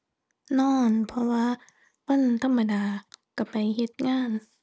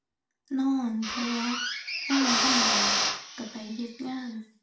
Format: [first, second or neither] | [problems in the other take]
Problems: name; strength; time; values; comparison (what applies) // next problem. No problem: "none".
first | background sound (Drill); 2 dB above the speech // room echo; dies away in 0.3 s